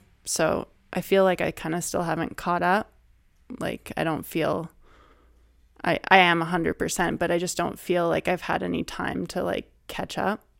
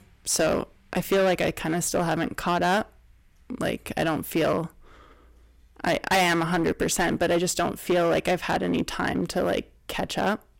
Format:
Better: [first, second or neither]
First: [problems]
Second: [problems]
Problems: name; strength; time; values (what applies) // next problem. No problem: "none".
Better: first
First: none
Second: distortion; heavy; 9% of the sound clipped